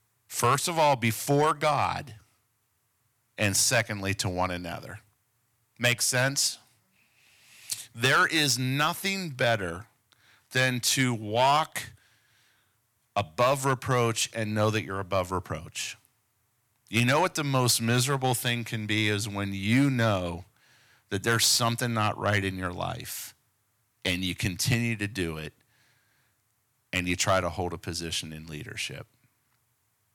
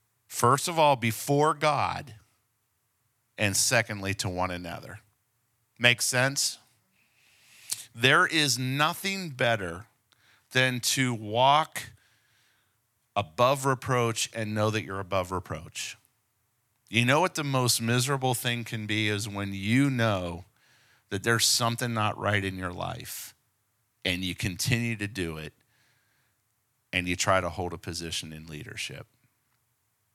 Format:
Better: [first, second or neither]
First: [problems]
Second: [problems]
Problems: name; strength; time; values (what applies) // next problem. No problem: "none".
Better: second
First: distortion; slight; 1.8% of the sound clipped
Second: none